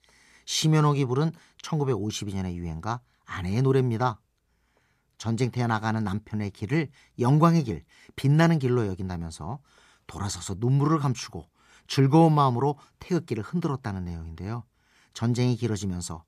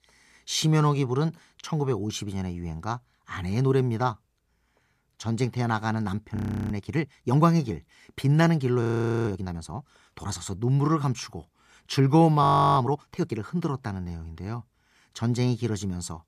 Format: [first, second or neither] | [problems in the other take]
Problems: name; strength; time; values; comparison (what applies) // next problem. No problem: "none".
first | audio freezing; at 6.5 s, at 9 s and at 12 s